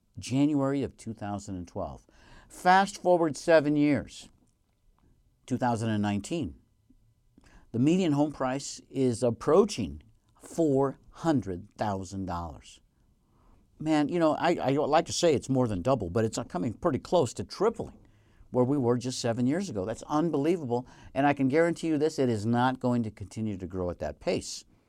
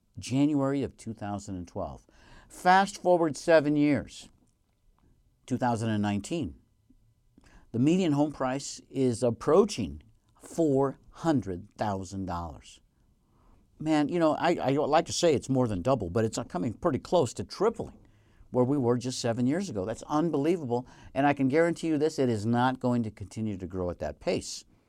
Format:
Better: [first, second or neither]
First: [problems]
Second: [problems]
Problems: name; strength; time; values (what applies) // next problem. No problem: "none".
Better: neither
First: none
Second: none